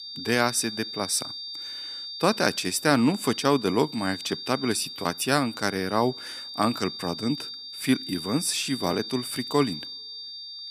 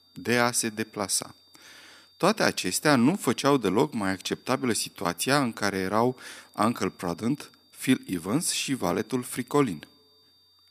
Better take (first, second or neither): second